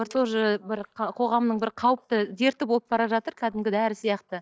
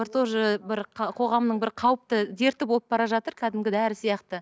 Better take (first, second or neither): second